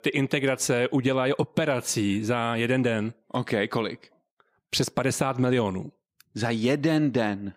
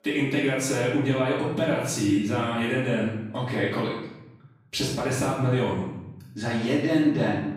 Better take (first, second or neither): first